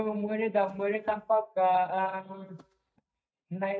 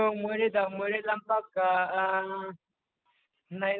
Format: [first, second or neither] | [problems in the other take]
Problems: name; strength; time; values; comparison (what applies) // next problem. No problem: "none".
second | noise reduction (neural mask model DeepFilterNet 3)